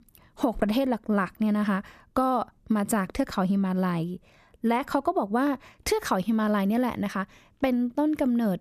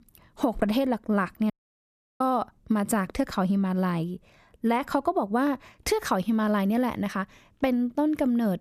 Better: first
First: none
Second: audio cutting out; at 1.5 s for 0.5 s

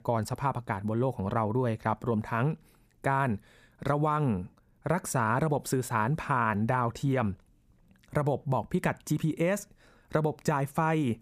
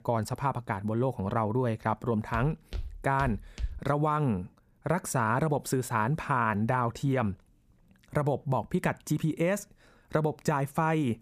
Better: first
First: none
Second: footsteps; noticeable; from 2.5 to 4 s; peak 10 dB below the speech

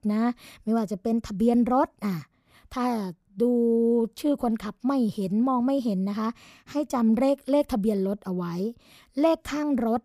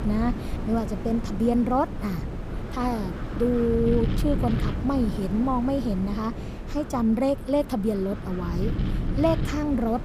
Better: first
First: none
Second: wind noise on the microphone; heavy; 10 dB below the speech

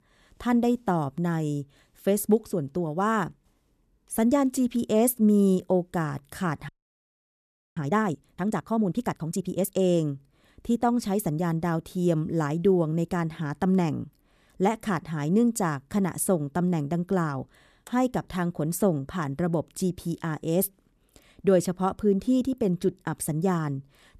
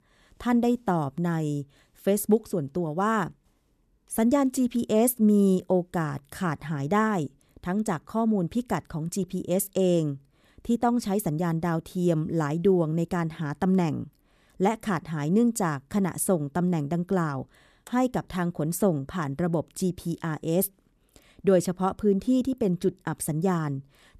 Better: second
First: audio freezing; at 6.5 s for 1 s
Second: none

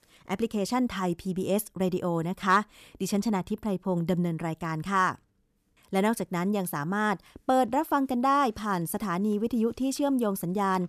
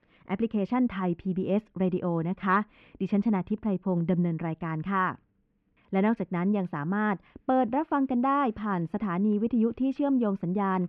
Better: first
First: none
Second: muffled; very; fading above 2.5 kHz

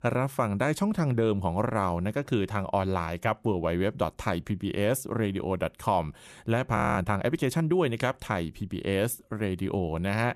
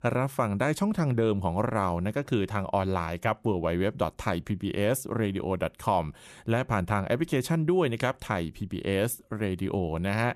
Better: second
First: audio freezing; at 7 s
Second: none

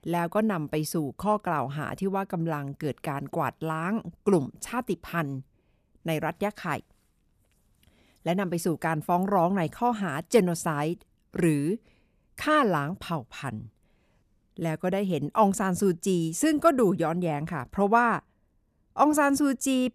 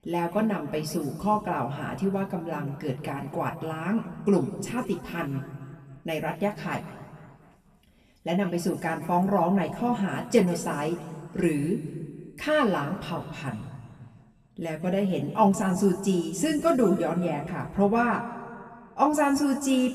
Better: first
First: none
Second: room echo; noticeable; dies away in 1.6 s // off-mic speech; somewhat distant

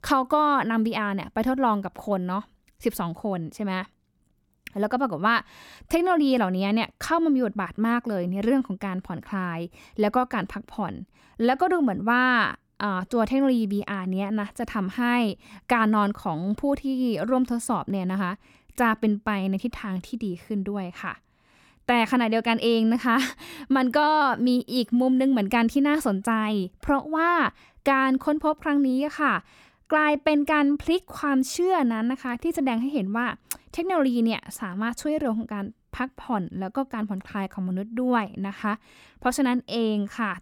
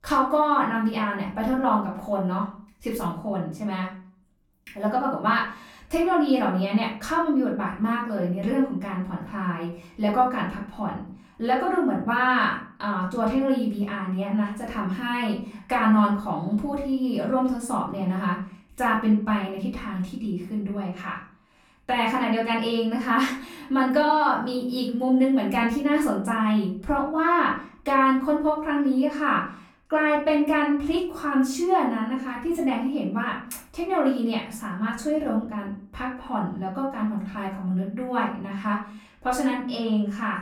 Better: first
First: none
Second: off-mic speech; far // room echo; slight; dies away in 0.4 s

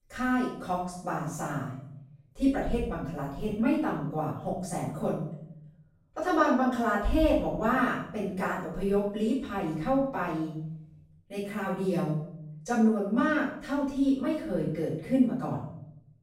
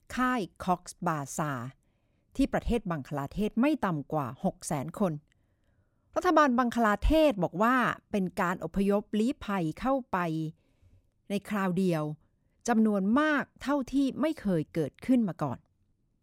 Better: second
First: room echo; noticeable; dies away in 0.6 s // off-mic speech; far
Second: none

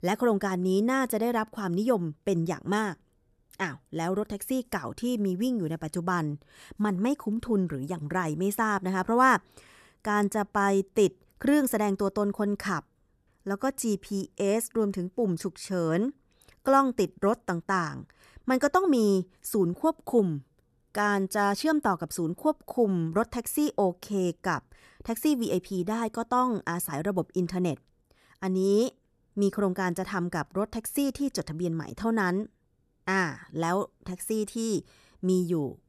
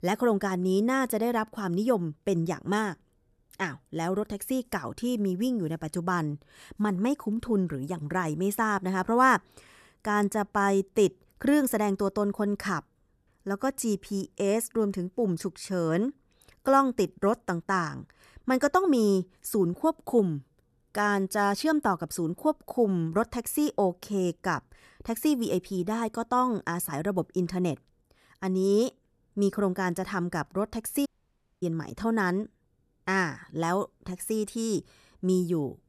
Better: first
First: none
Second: audio cutting out; at 31 s for 0.5 s

